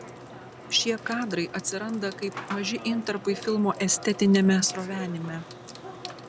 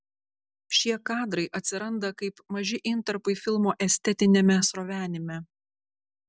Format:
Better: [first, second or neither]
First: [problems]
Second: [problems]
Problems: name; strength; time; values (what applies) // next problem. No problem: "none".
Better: second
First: background sound (Sink (filling or washing) / Water tap, faucet / Water); 13 dB below the speech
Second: none